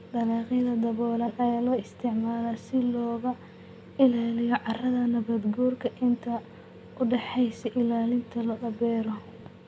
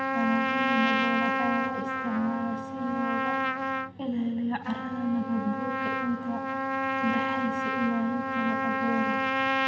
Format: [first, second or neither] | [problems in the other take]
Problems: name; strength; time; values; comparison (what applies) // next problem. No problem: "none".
first | background sound (Trumpet); 2 dB above the speech // room echo; dies away in 1.9 s